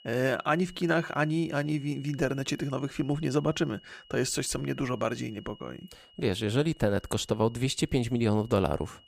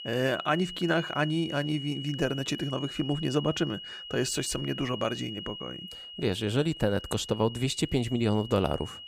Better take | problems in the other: first | high-pitched whine; loud; throughout; 3 kHz, 10 dB below the speech; faint in the first

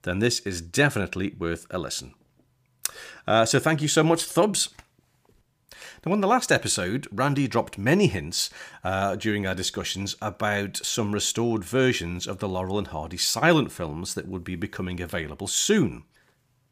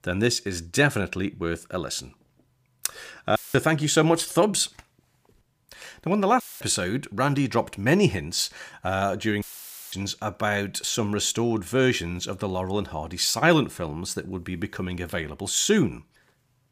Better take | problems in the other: first | audio cutting out; filled with static; at 3.5 s, at 6.5 s and at 9.5 s for 0.5 s

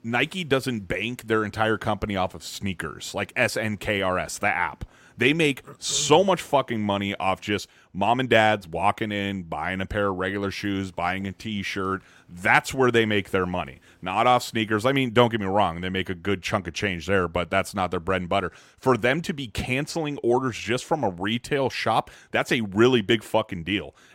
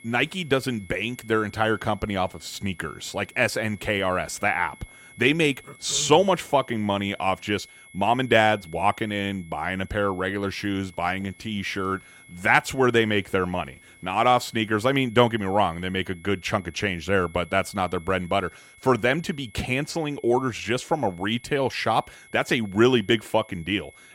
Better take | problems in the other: first | high-pitched whine; faint; throughout; 2 kHz, 25 dB below the speech

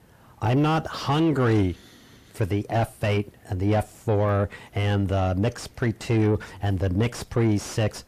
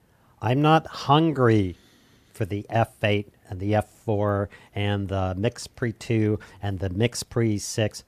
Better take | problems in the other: second | distortion; heavy; 6 dB below the speech

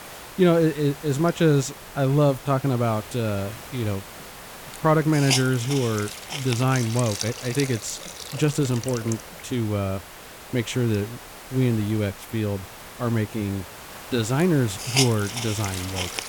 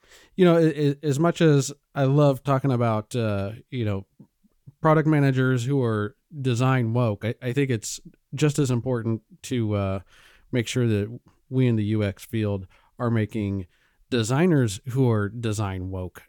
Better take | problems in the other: second | hiss; loud; throughout; 9 dB below the speech

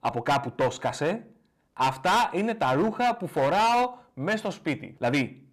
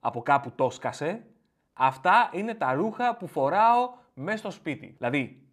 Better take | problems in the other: second | distortion; heavy; 11% of the sound clipped

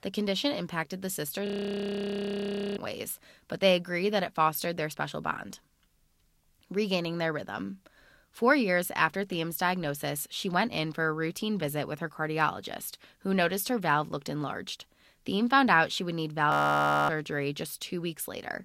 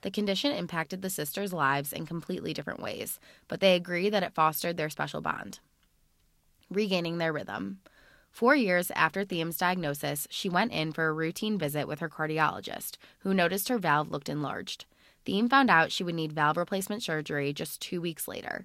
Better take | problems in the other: second | audio freezing; at 1.5 s for 1.5 s and at 17 s for 0.5 s

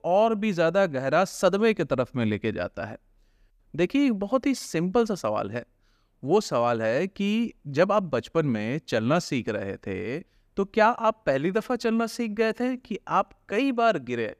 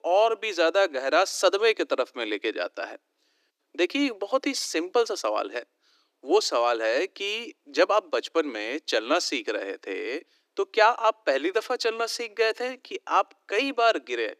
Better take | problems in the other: first | thin; somewhat; fading below 300 Hz

